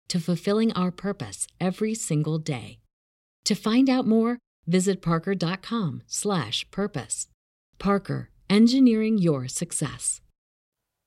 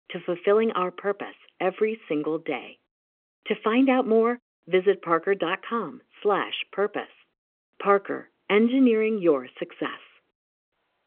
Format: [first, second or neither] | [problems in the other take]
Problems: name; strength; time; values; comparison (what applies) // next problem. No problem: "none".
first | phone-call audio